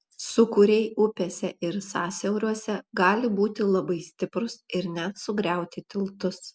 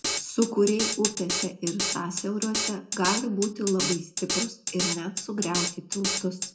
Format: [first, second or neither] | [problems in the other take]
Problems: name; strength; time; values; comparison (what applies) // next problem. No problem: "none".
first | background sound (Drum kit); 2 dB below the speech // room echo; dies away in 0.3 s